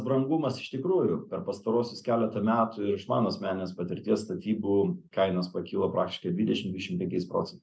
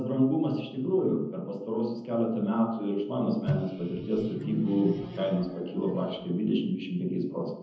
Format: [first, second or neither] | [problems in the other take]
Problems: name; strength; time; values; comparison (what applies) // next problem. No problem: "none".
first | background sound (Microwave oven); 7 dB below the speech // room echo; dies away in 0.8 s